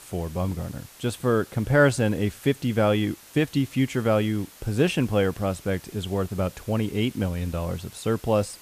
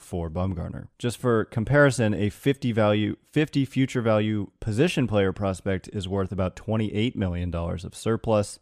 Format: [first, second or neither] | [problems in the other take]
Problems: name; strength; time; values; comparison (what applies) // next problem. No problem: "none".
second | hiss; faint; throughout; 20 dB below the speech